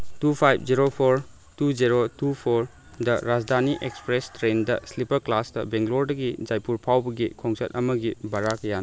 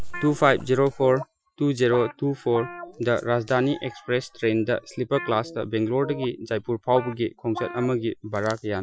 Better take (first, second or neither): first